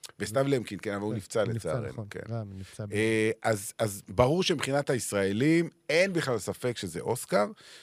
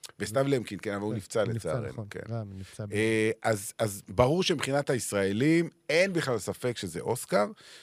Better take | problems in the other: neither | none

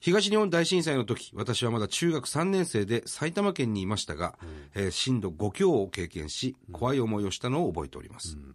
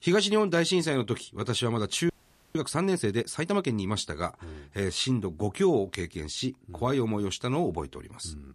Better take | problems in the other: first | audio freezing; at 2 s

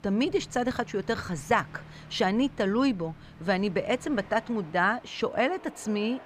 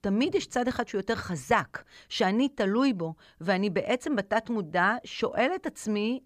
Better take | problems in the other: second | train or aircraft noise; faint; throughout; 20 dB below the speech

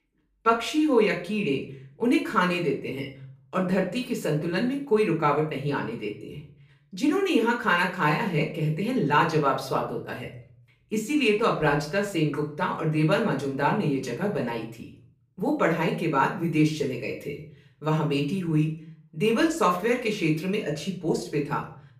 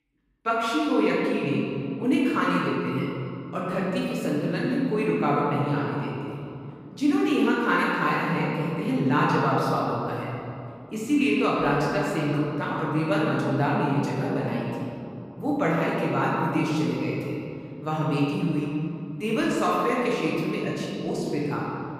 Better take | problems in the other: first | room echo; strong; dies away in 2.6 s; slight in the first // off-mic speech; far; far in the first

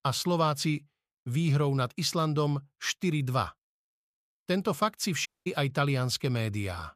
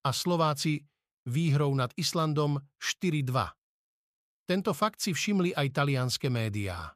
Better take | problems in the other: second | audio cutting out; at 5.5 s

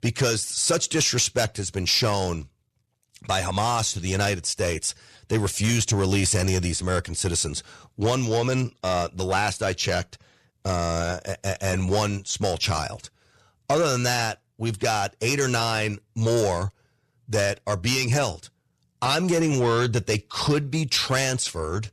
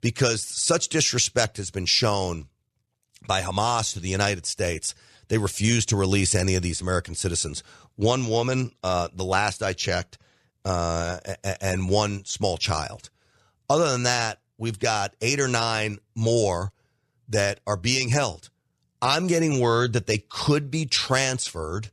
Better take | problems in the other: second | distortion; slight; 10 dB below the speech

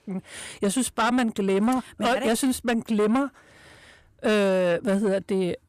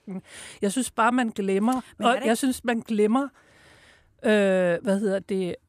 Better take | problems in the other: second | distortion; slight; 10 dB below the speech

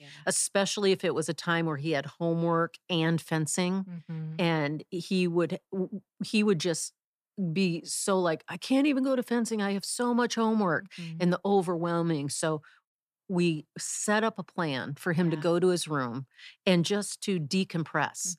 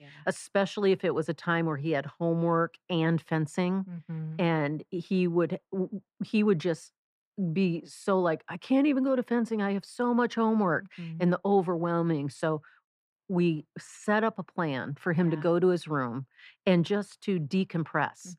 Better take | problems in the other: first | muffled; slightly; fading above 3.5 kHz

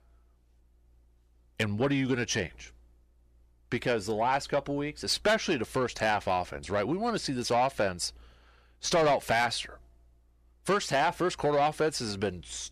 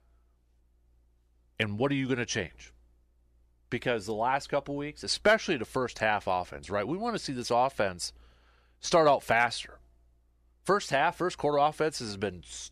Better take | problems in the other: second | distortion; slight; 10 dB below the speech

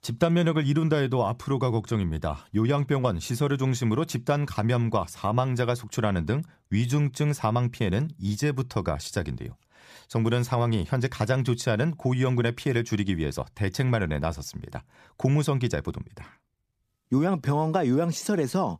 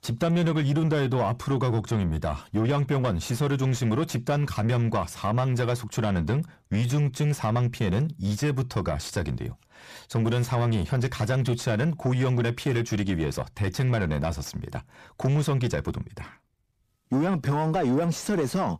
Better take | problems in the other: first | distortion; slight; 10 dB below the speech

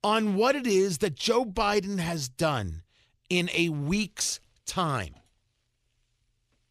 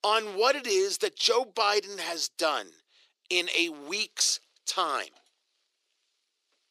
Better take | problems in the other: first | thin; very; fading below 350 Hz

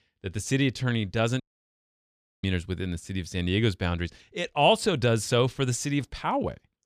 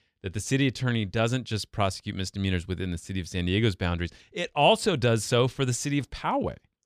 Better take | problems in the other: second | audio cutting out; at 1.5 s for 1 s

